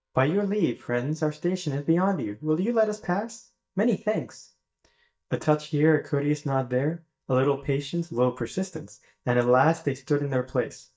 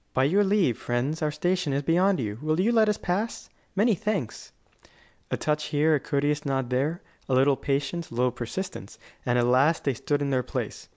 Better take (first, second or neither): second